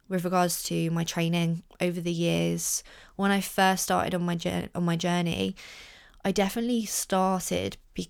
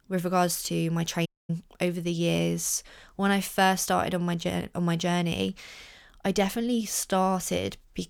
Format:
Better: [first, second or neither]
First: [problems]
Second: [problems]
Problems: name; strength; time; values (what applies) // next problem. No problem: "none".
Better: first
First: none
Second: audio cutting out; at 1.5 s